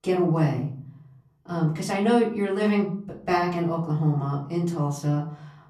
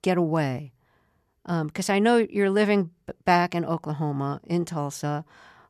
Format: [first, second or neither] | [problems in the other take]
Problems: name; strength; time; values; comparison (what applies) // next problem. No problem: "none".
second | off-mic speech; far // room echo; slight; dies away in 0.7 s